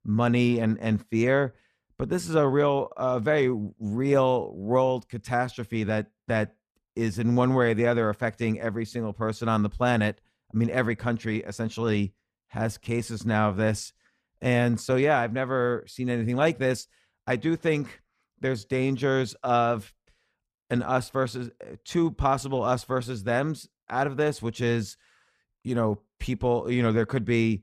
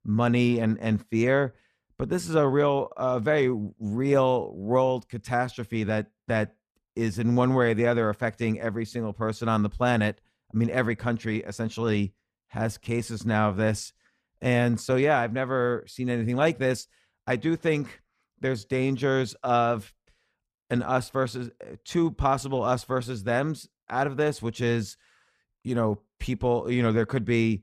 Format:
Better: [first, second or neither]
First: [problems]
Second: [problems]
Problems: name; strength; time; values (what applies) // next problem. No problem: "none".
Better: neither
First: none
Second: none